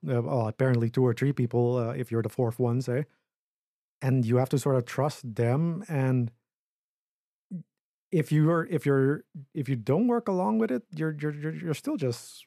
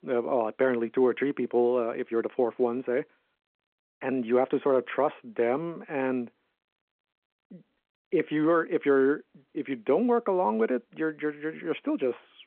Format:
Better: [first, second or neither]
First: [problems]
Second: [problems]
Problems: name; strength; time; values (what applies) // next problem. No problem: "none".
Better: first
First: none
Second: phone-call audio